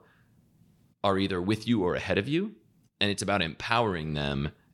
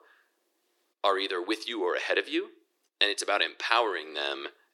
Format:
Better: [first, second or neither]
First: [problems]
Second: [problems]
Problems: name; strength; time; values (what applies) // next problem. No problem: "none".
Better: first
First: none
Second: thin; very; fading below 350 Hz